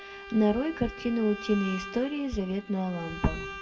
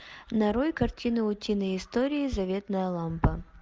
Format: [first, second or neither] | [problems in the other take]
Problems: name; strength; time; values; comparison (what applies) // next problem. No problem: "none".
second | background sound (Bowed string instrument); 13 dB below the speech // room echo; dies away in 1.2 s